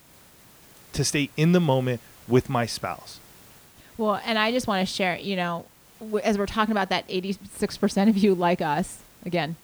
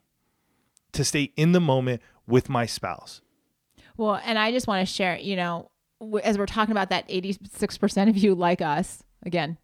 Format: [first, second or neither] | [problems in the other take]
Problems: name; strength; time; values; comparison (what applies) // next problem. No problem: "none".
second | hiss; faint; throughout; 25 dB below the speech